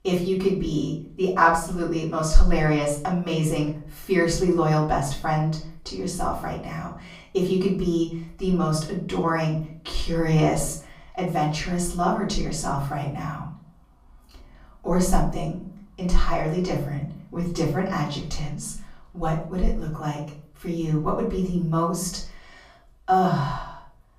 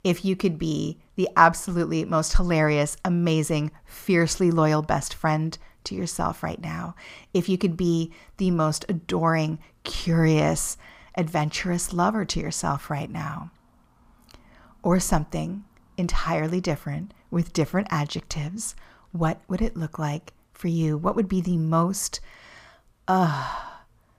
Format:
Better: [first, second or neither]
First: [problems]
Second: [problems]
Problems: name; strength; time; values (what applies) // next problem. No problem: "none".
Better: second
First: off-mic speech; far // room echo; slight; dies away in 0.4 s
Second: none